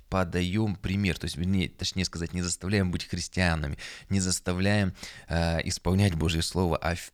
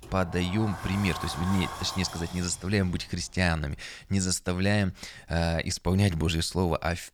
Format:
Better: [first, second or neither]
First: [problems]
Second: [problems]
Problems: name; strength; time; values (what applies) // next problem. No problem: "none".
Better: first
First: none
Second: door banging; noticeable; until 3.5 s; peak 8 dB below the speech